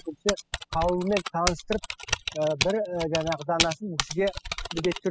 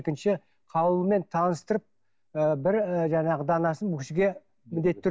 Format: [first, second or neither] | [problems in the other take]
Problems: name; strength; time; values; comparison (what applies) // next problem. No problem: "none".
second | noise reduction (classical method spectral subtraction)